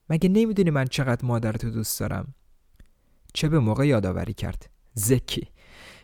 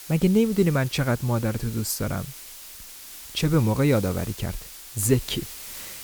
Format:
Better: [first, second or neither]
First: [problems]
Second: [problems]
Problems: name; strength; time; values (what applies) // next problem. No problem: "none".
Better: first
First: none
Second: hiss; noticeable; throughout; 15 dB below the speech